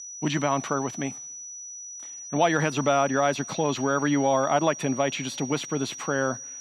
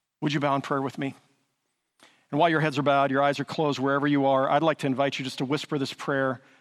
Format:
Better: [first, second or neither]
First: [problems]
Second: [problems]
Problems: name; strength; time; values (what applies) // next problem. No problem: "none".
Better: second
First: high-pitched whine; noticeable; throughout; 6 kHz, 10 dB below the speech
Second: none